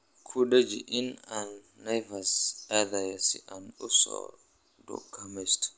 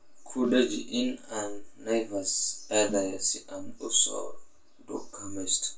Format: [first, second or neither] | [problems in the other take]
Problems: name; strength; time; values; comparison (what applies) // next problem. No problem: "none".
first | background sound (Snare drum); 17 dB below the speech // room echo; dies away in 0.2 s